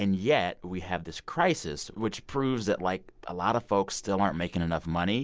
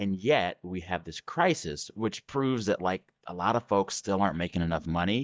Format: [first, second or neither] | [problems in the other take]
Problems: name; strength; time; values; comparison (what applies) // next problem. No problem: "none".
first | noise reduction (neural mask model DeepFilterNet 3)